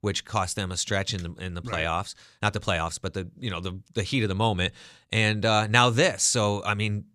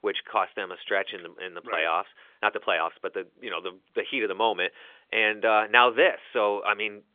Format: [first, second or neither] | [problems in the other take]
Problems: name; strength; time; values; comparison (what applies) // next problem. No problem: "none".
first | phone-call audio; nothing above 3.5 kHz